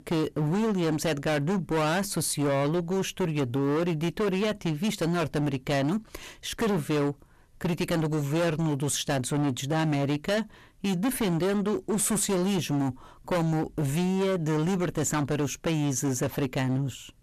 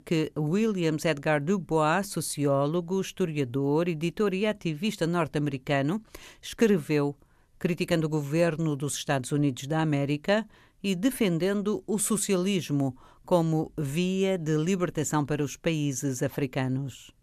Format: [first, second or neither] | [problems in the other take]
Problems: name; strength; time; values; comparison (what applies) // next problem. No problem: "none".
second | distortion; heavy; 23% of the sound clipped